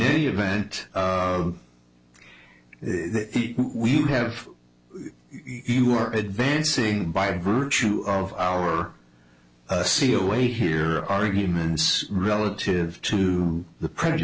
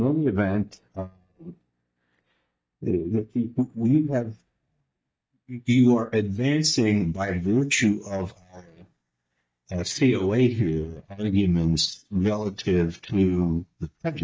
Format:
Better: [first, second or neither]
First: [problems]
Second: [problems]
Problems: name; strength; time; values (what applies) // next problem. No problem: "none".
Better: first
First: none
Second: noise reduction (neural mask model DeepFilterNet 3)